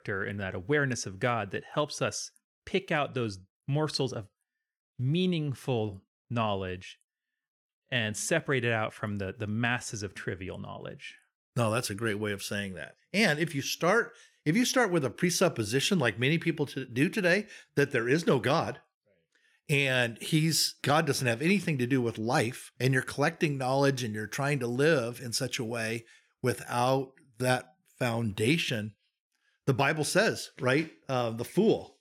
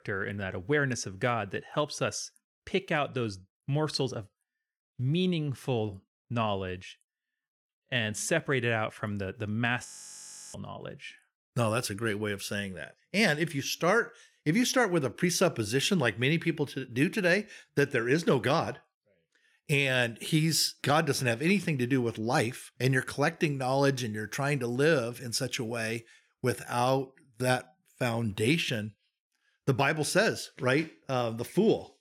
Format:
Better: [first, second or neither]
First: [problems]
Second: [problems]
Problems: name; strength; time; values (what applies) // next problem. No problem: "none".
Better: first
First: none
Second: audio freezing; at 10 s for 0.5 s